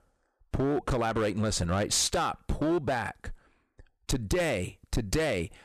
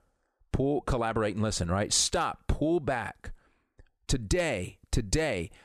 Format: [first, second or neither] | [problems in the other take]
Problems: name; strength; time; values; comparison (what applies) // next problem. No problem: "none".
second | distortion; slight; 10% of the sound clipped